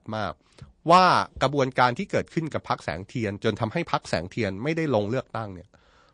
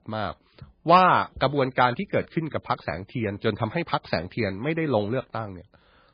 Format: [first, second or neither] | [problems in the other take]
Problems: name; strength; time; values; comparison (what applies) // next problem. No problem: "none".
first | garbled, watery; badly; nothing above 5 kHz; slightly in the first